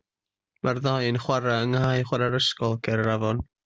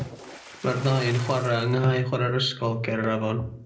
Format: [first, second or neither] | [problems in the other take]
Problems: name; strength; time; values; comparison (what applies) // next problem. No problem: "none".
first | background sound (Splash, splatter); 17 dB below the speech // room echo; dies away in 0.4 s